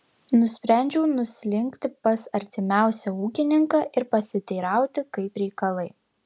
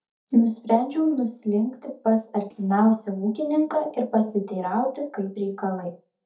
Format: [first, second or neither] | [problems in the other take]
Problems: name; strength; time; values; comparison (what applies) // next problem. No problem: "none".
first | noise reduction (neural mask model DeepFilterNet 3)